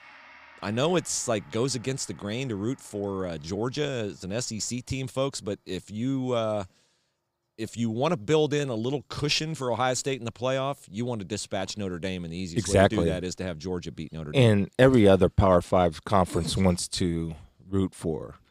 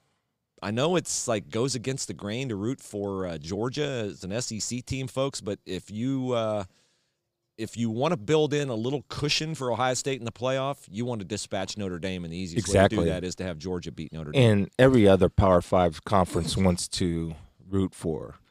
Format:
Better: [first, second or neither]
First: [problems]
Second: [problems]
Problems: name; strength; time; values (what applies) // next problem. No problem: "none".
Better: second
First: background music; faint; throughout; 25 dB below the speech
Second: none